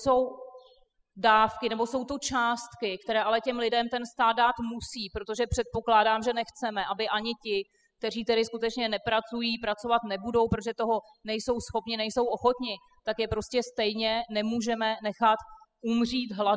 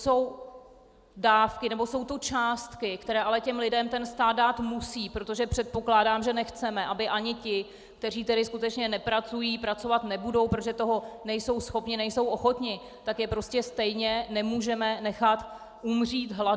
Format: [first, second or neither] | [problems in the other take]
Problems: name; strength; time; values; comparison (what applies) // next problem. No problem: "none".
second | noise reduction (classical method spectral subtraction)